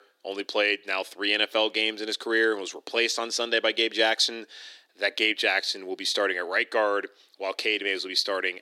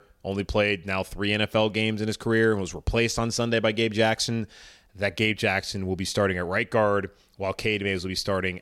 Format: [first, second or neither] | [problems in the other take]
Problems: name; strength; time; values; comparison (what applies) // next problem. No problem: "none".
second | thin; very; fading below 300 Hz